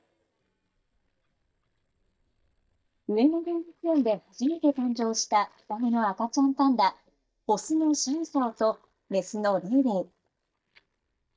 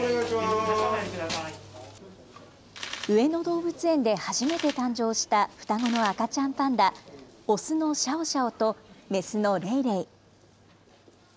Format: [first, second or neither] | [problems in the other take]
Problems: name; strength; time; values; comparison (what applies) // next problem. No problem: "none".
second | noise reduction (neural mask model DeepFilterNet 3)